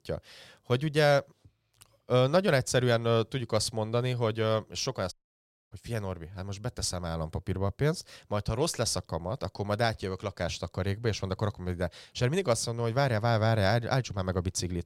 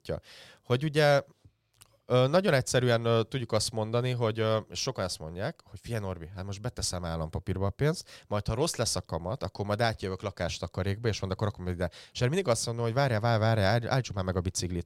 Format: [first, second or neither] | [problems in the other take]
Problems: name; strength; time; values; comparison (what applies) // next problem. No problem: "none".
second | audio cutting out; at 5 s for 0.5 s